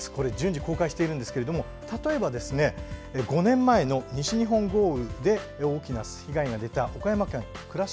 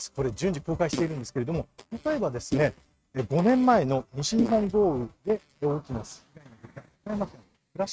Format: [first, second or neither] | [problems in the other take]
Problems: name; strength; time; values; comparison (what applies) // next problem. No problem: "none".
first | noise reduction (neural mask model RNNoise)